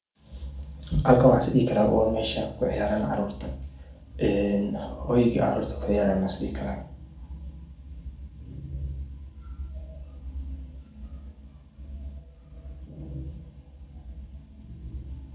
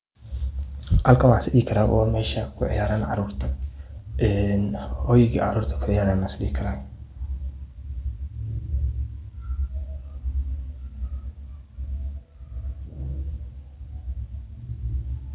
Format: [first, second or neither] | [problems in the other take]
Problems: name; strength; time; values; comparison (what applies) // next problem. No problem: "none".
second | room echo; dies away in 0.4 s